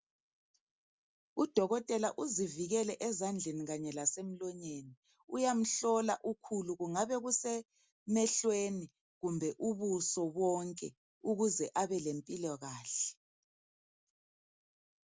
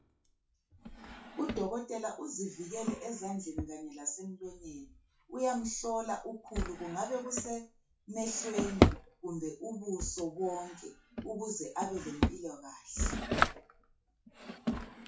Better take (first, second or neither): first